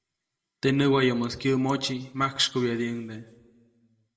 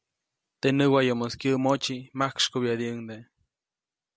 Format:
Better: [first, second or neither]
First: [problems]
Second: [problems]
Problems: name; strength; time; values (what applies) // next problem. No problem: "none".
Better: second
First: room echo; dies away in 0.9 s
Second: none